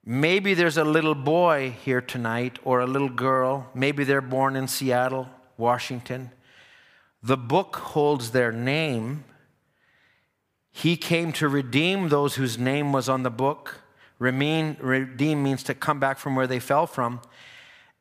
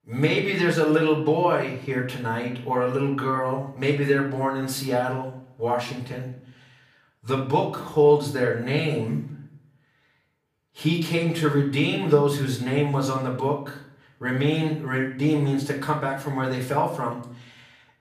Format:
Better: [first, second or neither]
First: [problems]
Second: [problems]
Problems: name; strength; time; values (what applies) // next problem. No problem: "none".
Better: first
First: none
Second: off-mic speech; far // room echo; slight; dies away in 0.6 s